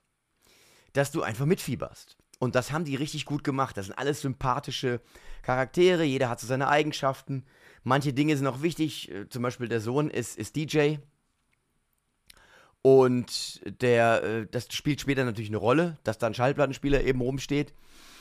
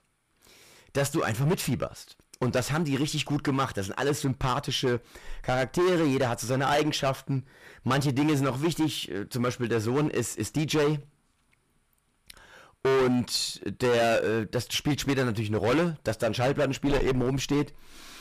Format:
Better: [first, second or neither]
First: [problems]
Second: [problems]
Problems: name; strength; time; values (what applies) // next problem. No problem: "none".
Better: first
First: none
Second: distortion; heavy; 13% of the sound clipped